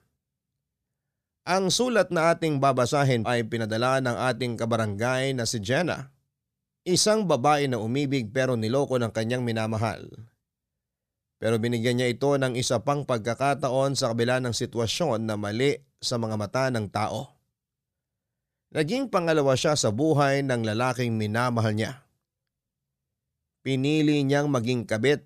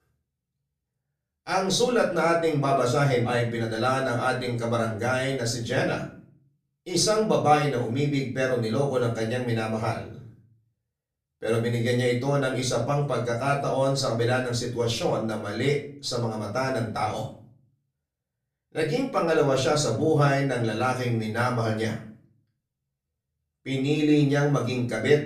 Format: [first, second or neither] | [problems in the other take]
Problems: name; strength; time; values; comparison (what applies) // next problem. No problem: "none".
first | off-mic speech; far // room echo; slight; dies away in 0.4 s